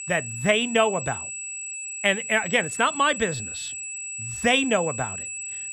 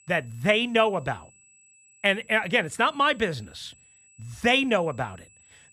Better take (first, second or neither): second